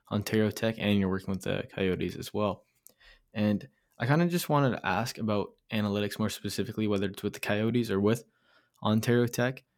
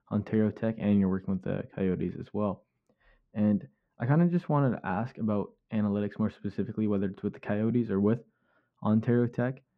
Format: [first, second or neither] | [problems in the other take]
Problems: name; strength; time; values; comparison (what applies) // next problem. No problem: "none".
first | muffled; very; fading above 1.5 kHz